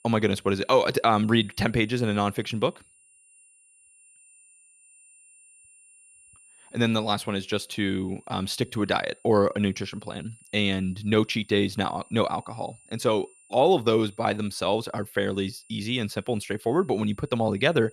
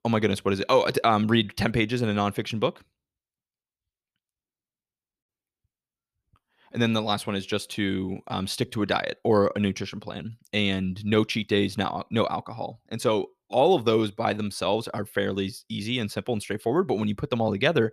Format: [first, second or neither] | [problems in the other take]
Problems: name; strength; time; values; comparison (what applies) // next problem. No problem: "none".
second | high-pitched whine; faint; throughout; 9 kHz, 30 dB below the speech